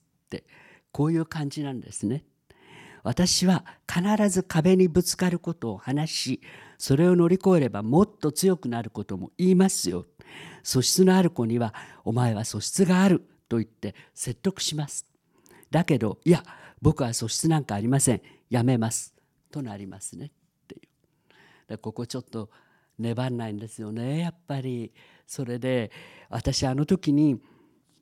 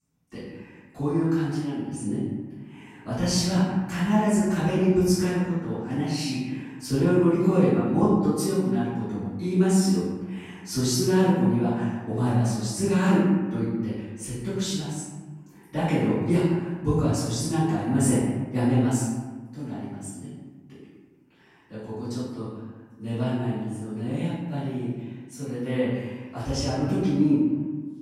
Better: first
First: none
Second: off-mic speech; far // room echo; strong; dies away in 1.2 s

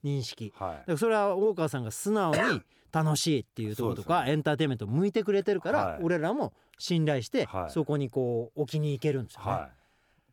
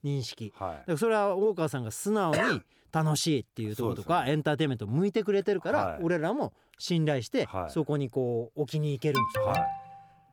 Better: first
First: none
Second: alarm; loud; at 9 s; peak 1 dB above the speech

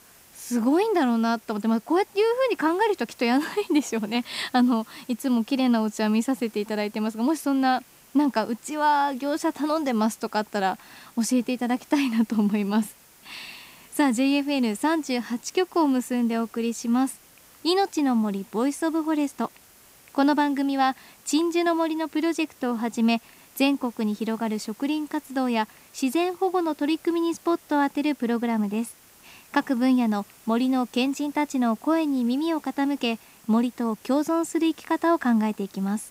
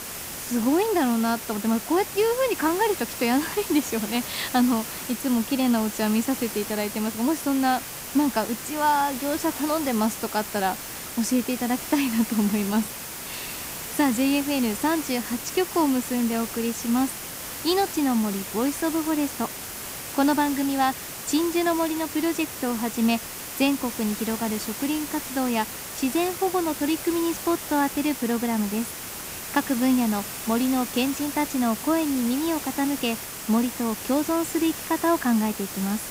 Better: first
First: hiss; faint; throughout; 25 dB below the speech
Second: hiss; loud; throughout; 7 dB below the speech

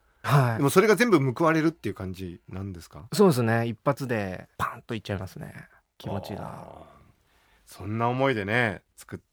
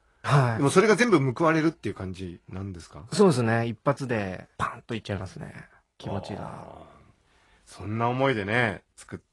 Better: first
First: none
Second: garbled, watery; slightly; nothing above 10.5 kHz

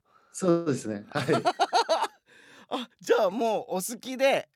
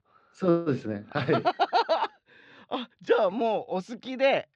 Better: first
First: none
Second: muffled; very slightly; fading above 4 kHz

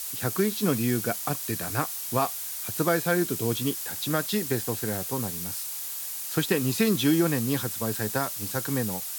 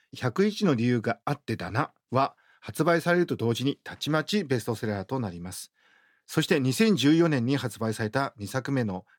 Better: second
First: hiss; loud; throughout; 3 dB below the speech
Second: none

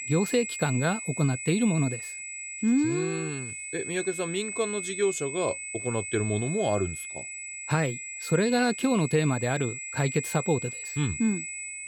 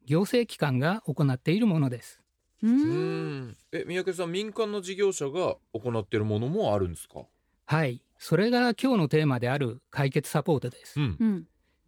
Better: second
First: high-pitched whine; loud; throughout; 8 kHz, 6 dB below the speech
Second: none

